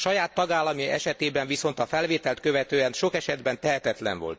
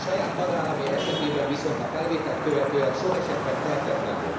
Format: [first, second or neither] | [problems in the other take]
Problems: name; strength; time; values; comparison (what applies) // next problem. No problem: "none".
first | background sound (Traffic noise, roadway noise / Vehicle horn, car horn, honking); 3 dB below the speech // room echo; dies away in 1 s